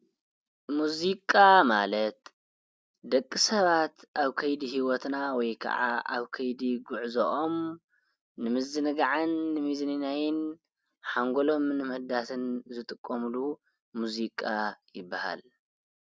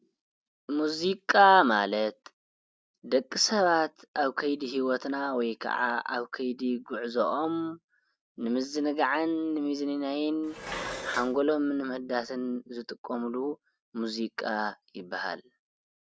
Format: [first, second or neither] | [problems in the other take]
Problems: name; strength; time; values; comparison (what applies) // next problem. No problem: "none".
first | background sound (Dishes, pots, and pans); 11 dB below the speech